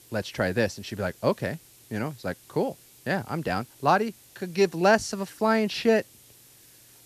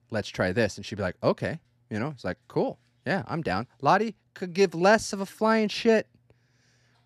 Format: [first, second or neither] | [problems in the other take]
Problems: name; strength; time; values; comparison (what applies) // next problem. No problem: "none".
second | hiss; faint; throughout; 25 dB below the speech